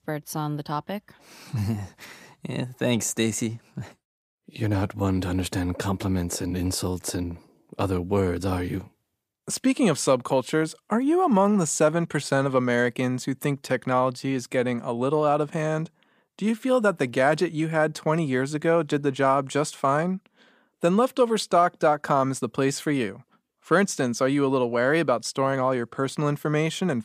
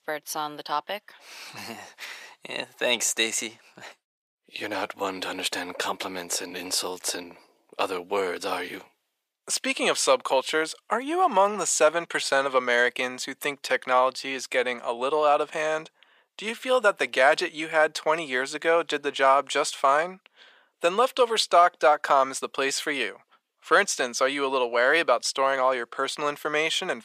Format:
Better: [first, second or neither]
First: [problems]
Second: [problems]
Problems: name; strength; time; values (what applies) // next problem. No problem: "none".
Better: first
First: none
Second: thin; very; fading below 600 Hz